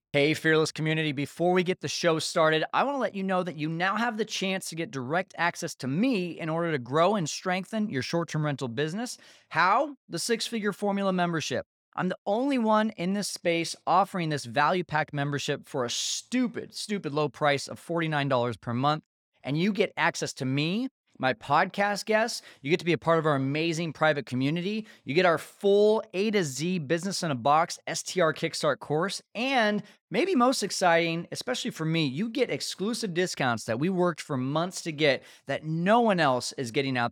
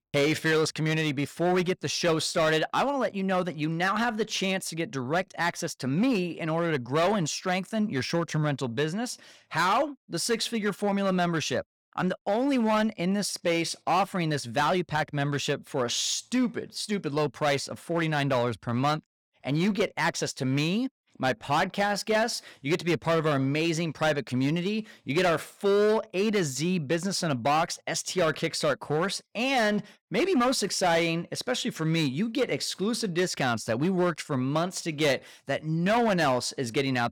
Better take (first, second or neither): first